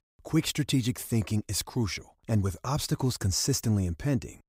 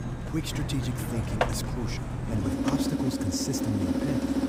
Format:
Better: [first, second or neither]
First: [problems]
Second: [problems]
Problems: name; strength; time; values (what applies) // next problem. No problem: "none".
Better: first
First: none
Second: machinery noise; very loud; throughout; 4 dB above the speech